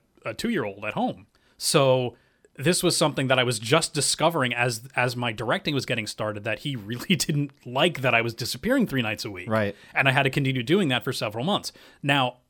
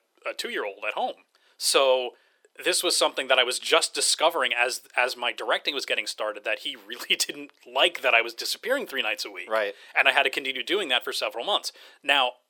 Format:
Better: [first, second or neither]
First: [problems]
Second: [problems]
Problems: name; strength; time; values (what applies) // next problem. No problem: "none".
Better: first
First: none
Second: thin; very; fading below 400 Hz